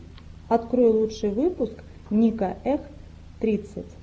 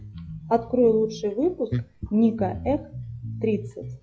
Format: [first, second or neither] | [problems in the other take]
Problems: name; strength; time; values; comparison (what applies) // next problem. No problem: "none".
first | noise reduction (classical method log-MMSE)